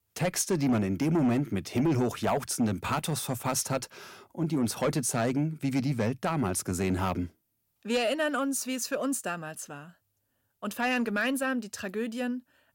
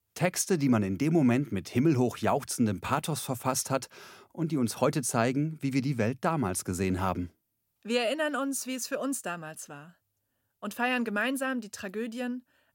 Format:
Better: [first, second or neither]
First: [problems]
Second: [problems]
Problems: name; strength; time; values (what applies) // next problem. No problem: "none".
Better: second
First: distortion; slight; 10 dB below the speech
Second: none